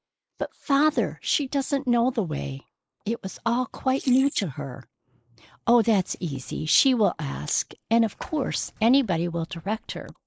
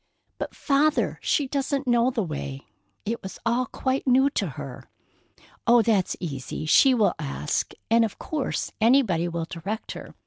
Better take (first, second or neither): second